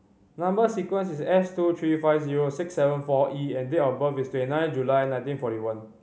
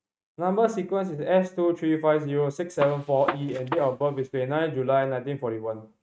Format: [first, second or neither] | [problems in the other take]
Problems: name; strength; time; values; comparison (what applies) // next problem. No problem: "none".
first | noise reduction (neural mask model RNNoise)